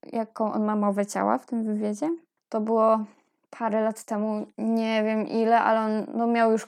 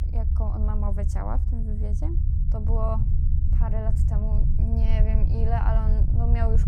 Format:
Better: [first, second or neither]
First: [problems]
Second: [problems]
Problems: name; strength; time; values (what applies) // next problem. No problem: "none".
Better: first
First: none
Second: low rumble; loud; throughout; 5 dB below the speech